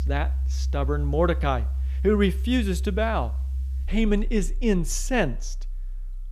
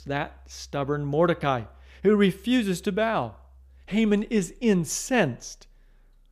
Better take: second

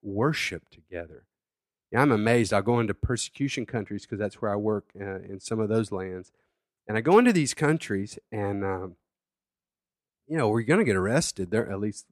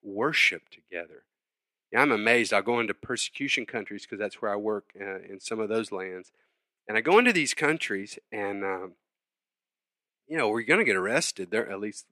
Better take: first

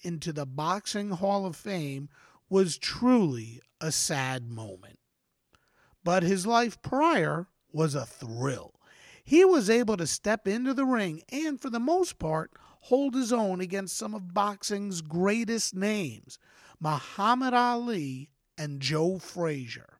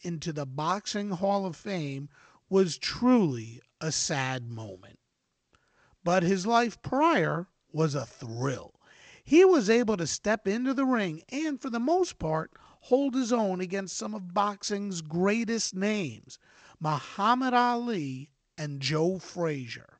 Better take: first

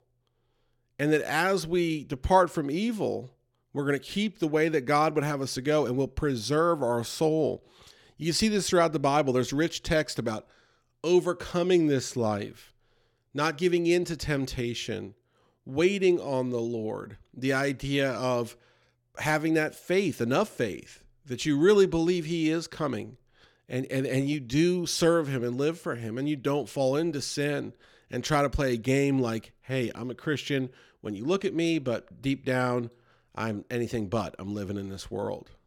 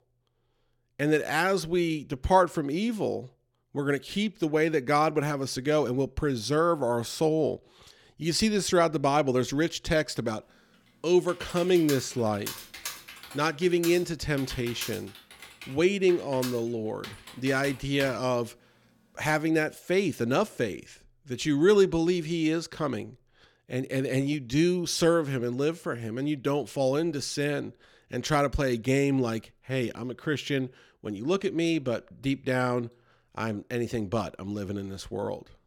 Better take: first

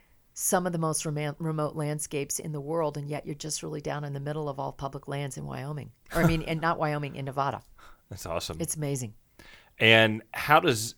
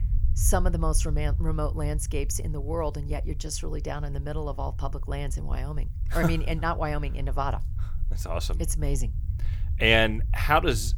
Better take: first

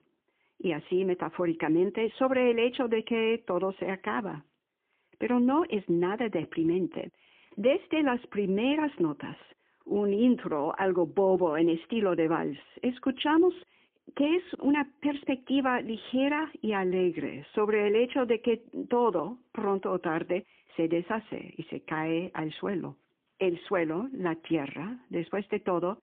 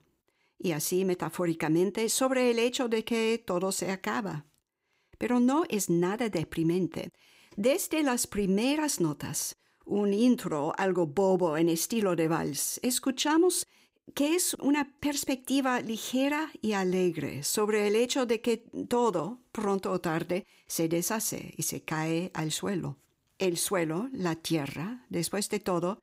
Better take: second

